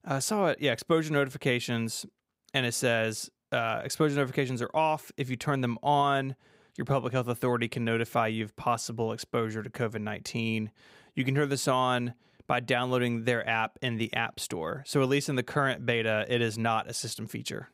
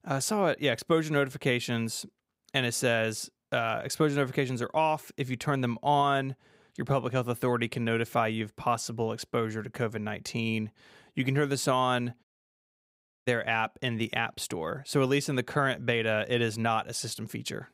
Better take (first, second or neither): first